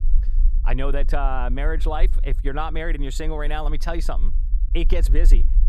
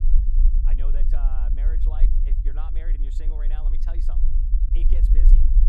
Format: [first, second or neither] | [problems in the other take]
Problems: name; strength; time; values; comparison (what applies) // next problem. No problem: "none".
first | low rumble; loud; throughout; 1 dB below the speech; faint in the first